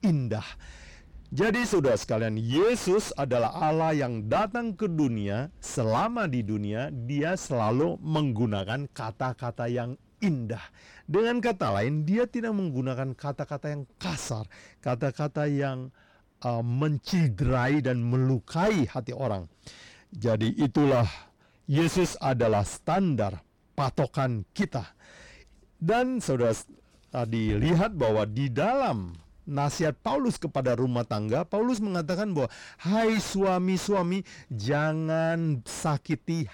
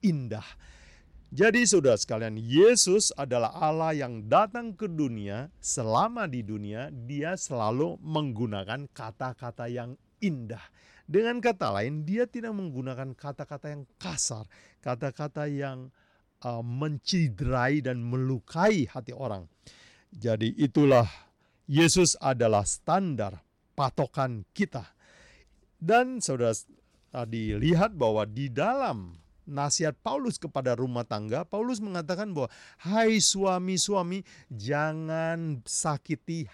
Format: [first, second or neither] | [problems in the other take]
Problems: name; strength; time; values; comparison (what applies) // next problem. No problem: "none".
second | distortion; heavy; 5 dB below the speech